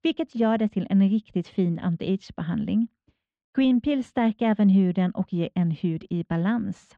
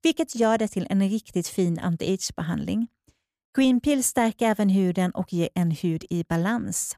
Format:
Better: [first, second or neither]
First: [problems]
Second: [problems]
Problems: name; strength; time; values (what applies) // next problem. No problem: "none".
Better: second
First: muffled; very; fading above 3.5 kHz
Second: none